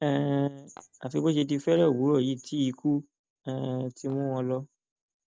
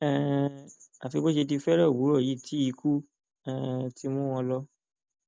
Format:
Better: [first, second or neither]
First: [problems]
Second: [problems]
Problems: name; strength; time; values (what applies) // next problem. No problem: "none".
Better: second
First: noise reduction (neural separator model SepFormer DNS4)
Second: none